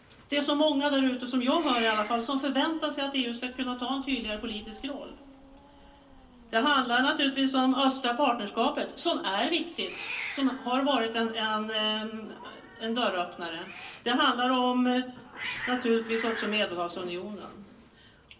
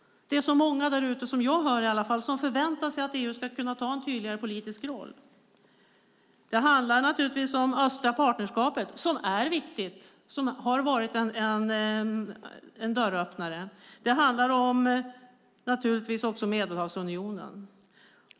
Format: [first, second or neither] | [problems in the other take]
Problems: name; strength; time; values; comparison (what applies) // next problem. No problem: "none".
second | background sound (Hiss); 16 dB below the speech // room echo; dies away in 0.3 s